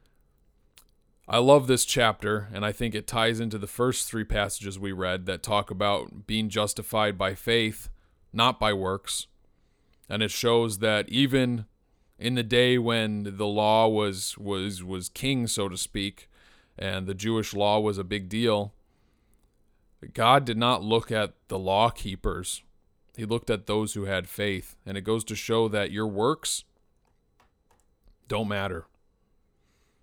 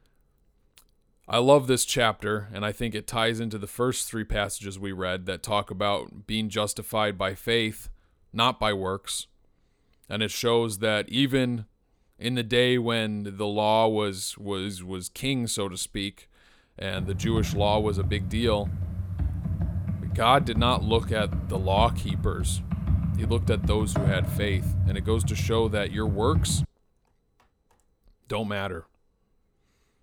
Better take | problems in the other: first | keyboard typing; loud; from 17 to 27 s; peak 1 dB above the speech

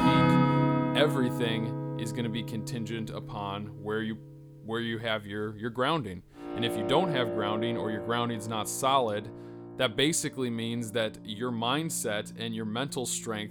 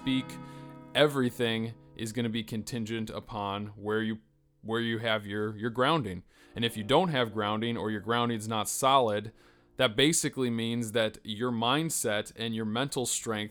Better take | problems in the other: second | background music; loud; throughout; as loud as the speech; faint in the second

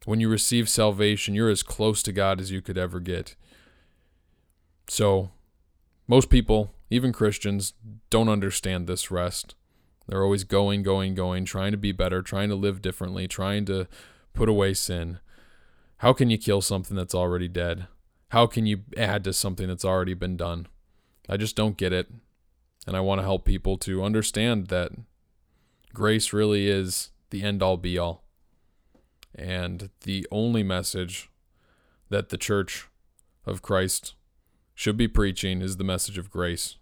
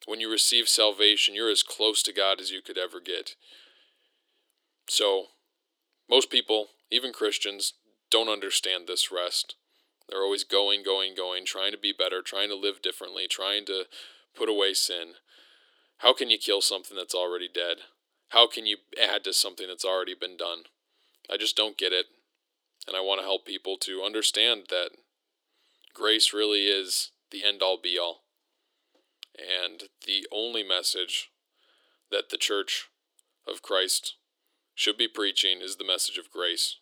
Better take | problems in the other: first | thin; very; fading below 300 Hz

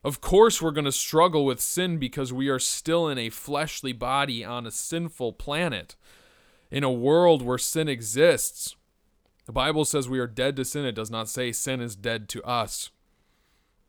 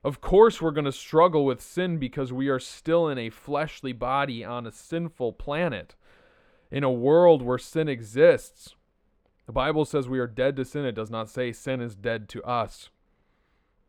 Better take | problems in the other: first | muffled; very; fading above 4 kHz

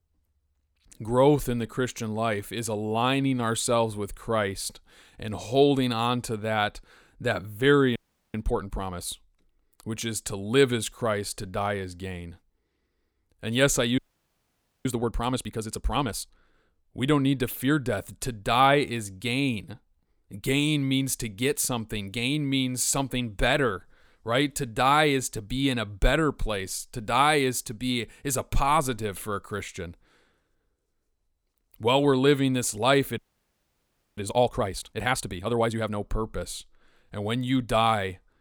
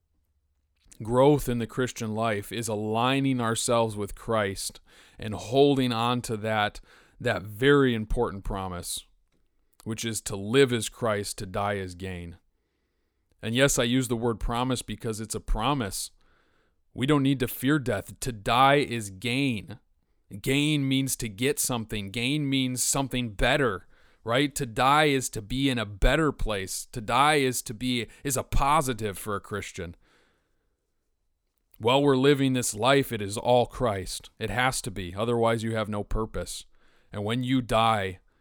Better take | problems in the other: second | audio freezing; at 8 s, at 14 s for 1 s and at 33 s for 1 s

